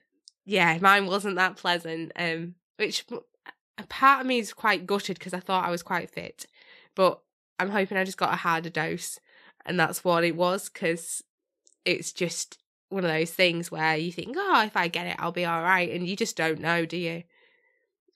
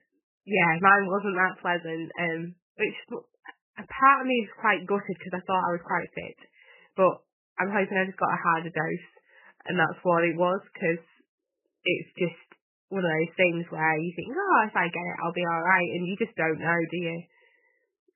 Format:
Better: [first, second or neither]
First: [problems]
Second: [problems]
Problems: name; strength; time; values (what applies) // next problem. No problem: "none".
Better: first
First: none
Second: garbled, watery; badly; nothing above 3 kHz